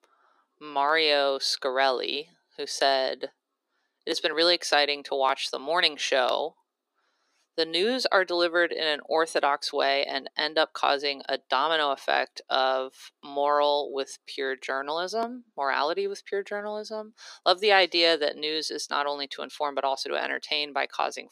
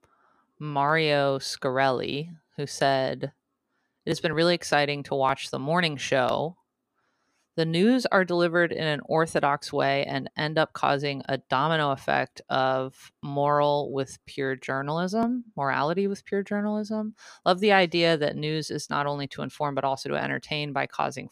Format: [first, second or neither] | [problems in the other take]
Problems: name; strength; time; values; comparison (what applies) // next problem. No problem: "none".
second | thin; somewhat; fading below 350 Hz